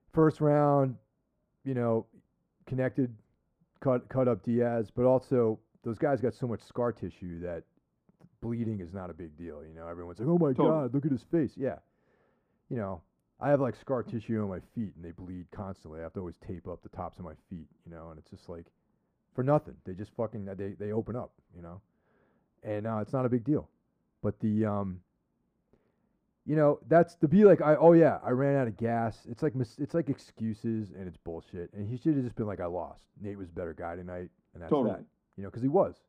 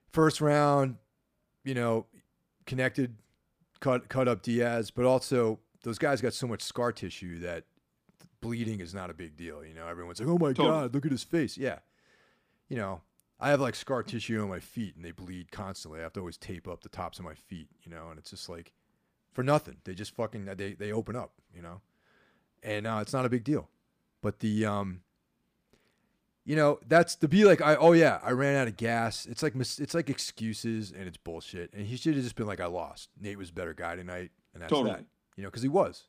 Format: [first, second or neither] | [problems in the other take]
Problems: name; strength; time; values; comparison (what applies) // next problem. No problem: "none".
second | muffled; very; fading above 2 kHz